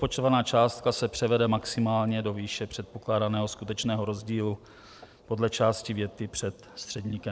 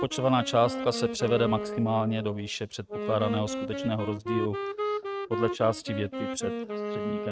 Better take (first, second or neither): first